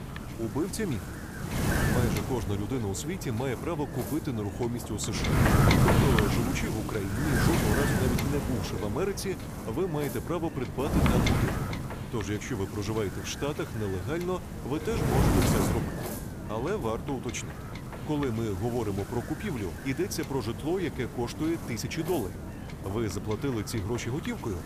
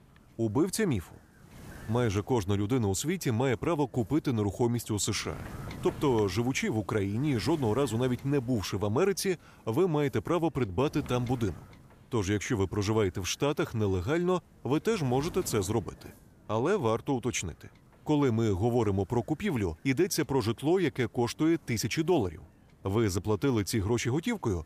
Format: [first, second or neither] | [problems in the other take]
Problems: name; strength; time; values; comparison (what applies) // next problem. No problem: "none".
second | wind noise on the microphone; heavy; as loud as the speech; occasional gusts in the second